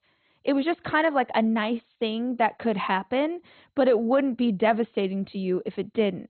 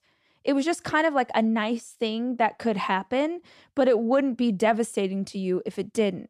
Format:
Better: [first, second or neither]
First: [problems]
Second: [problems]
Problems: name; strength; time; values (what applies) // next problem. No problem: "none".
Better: second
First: garbled, watery; badly; nothing above 4 kHz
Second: none